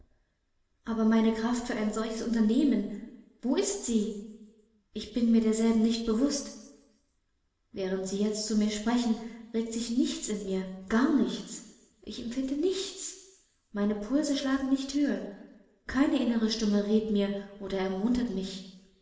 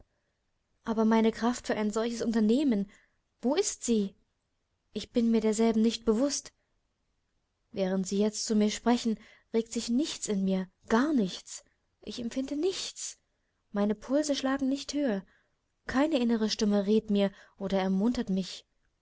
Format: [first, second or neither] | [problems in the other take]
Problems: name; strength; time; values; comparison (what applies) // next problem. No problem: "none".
second | room echo; dies away in 1 s